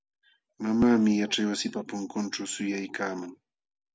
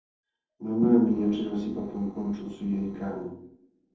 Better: first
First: none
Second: noise reduction (neural separator model SepFormer DNS4)

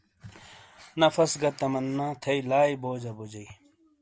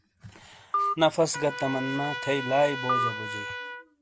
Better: first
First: none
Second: background sound (Telephone + Trumpet); 4 dB below the speech

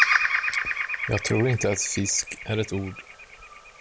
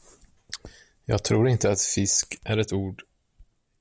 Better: second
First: background sound (Bird vocalization, bird call, bird song); as loud as the speech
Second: none

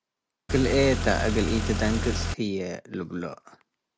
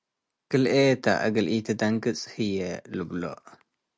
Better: second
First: background sound (Car); as loud as the speech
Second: none

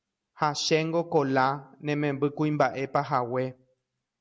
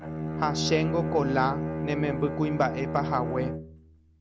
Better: first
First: none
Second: background sound (Bowed string instrument); 2 dB below the speech

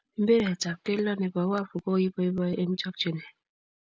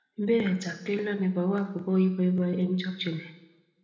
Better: first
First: none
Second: room echo; dies away in 0.9 s

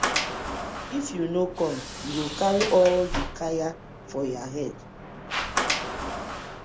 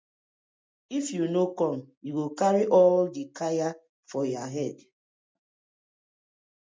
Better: second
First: background sound (Sliding door); 4 dB below the speech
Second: none

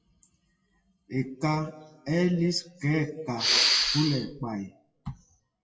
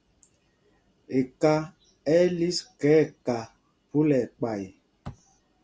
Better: second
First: noise reduction (classical method WPE with log-MMSE)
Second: none

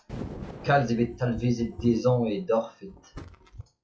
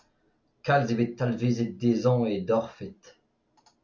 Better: second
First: noise reduction (classical method log-MMSE)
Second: none

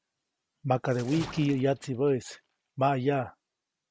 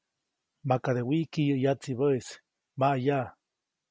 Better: second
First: background sound (Splash, splatter); 16 dB below the speech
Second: none

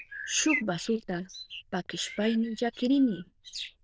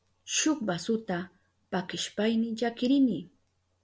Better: second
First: noise reduction (neural diffusion model UNIVERSE++)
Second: none

